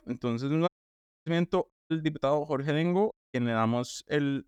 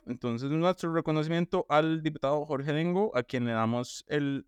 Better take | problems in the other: second | audio cutting out; at 0.5 s for 0.5 s, at 1.5 s and at 3 s

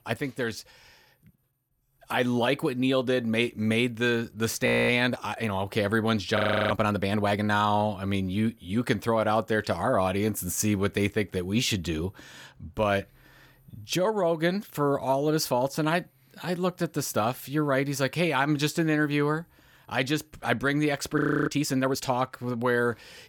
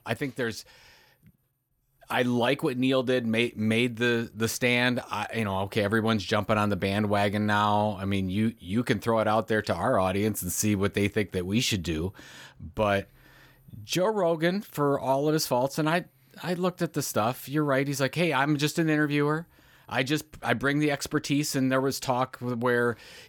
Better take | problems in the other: second | audio freezing; at 4.5 s, at 6.5 s and at 21 s

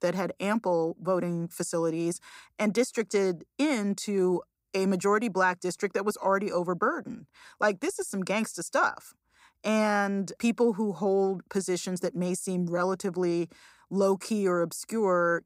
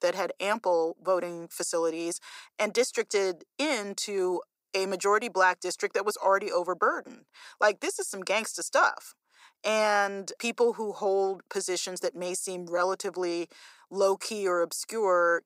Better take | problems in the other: first | thin; somewhat; fading below 500 Hz

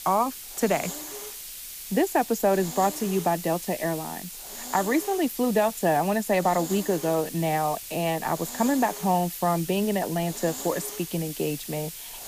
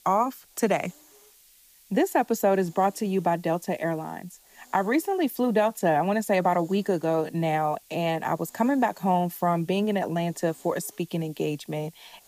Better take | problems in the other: second | hiss; loud; throughout; 10 dB below the speech; faint in the second

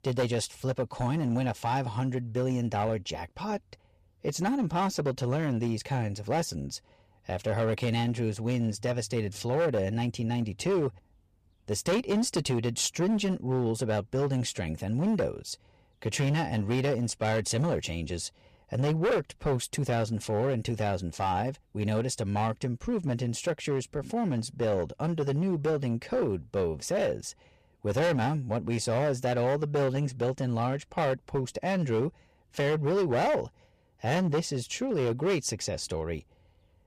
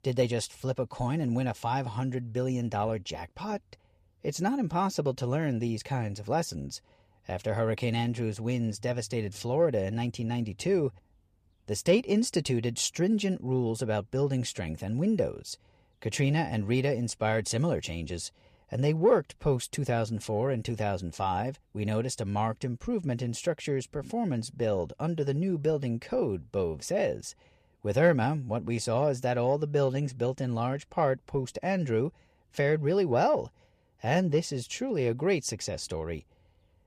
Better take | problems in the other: second | distortion; slight; 10% of the sound clipped

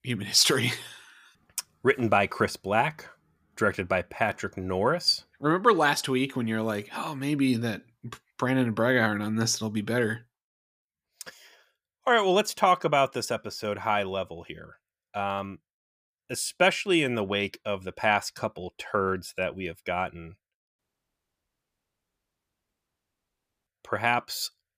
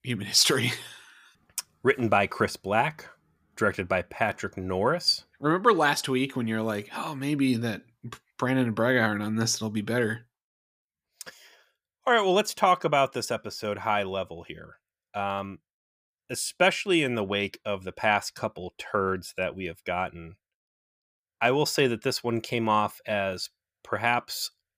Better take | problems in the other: second | audio cutting out; at 21 s for 3 s

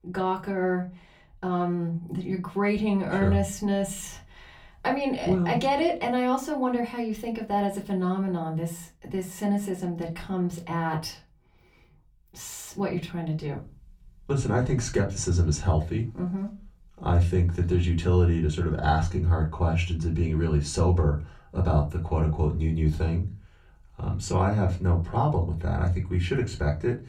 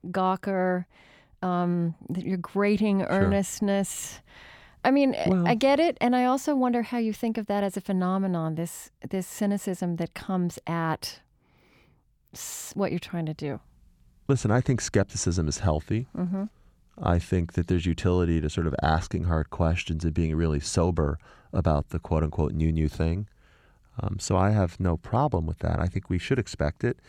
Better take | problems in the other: second | off-mic speech; far // room echo; very slight; dies away in 0.2 s

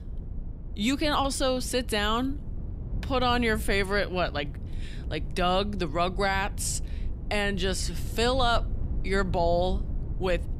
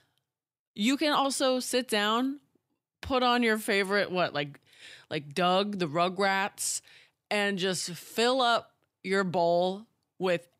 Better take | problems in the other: second | low rumble; faint; throughout; 20 dB below the speech

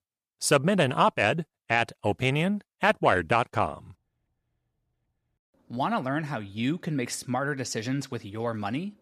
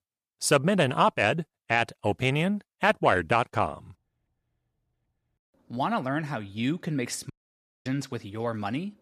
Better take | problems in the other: first | audio cutting out; at 7.5 s for 0.5 s

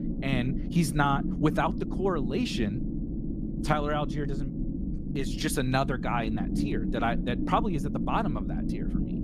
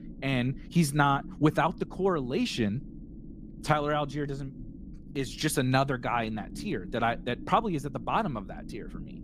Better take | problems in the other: second | low rumble; loud; throughout; 9 dB below the speech; faint in the second

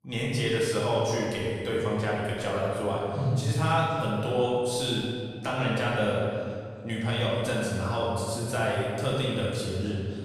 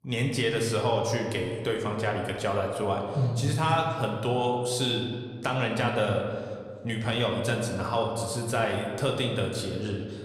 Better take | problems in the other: second | room echo; strong; dies away in 1.9 s; slight in the second // off-mic speech; far

